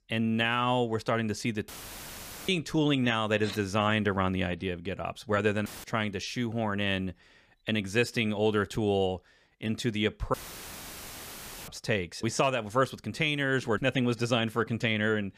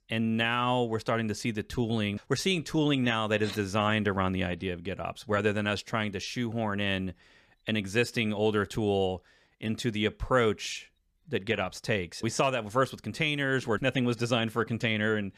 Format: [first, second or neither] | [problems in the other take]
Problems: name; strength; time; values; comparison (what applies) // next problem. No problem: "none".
second | audio cutting out; filled with static; at 1.5 s for 1 s, at 5.5 s and at 10 s for 1.5 s